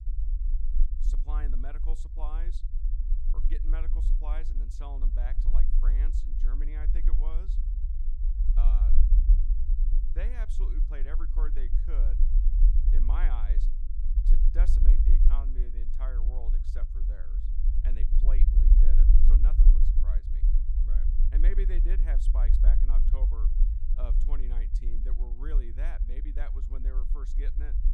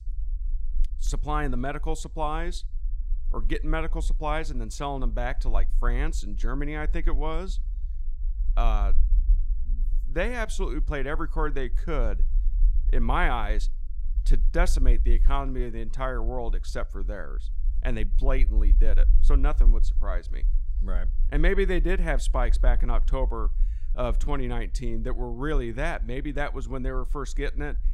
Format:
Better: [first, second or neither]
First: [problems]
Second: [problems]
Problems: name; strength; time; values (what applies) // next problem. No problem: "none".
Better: second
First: low rumble; loud; throughout; 4 dB below the speech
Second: low rumble; faint; throughout; 25 dB below the speech